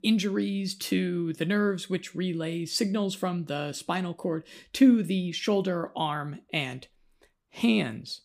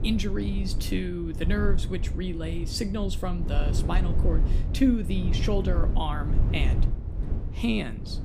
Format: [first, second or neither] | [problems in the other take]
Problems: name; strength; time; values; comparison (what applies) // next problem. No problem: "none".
first | low rumble; loud; throughout; 9 dB below the speech